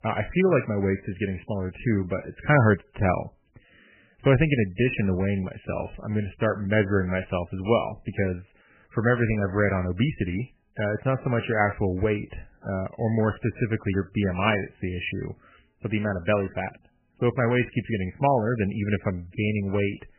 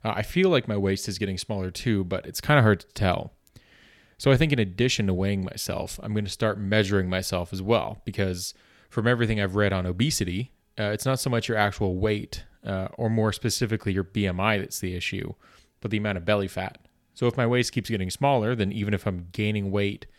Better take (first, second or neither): second